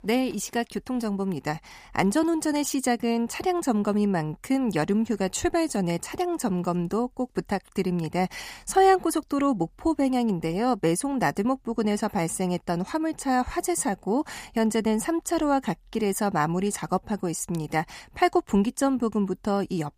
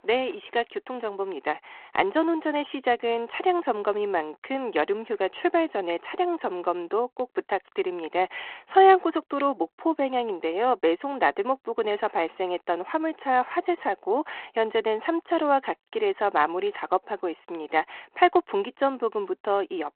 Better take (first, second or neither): first